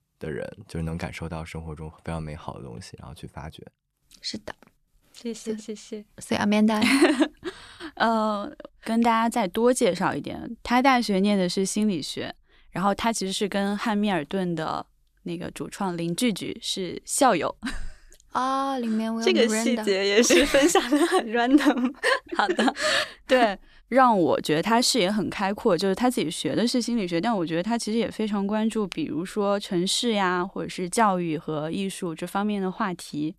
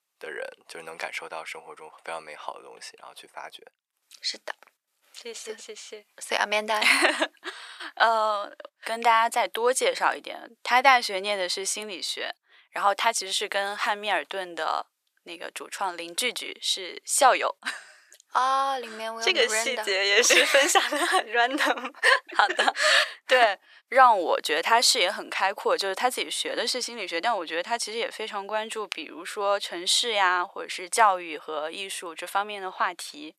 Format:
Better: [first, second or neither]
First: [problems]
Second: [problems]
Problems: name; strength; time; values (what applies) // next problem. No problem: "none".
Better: first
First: none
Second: thin; very; fading below 550 Hz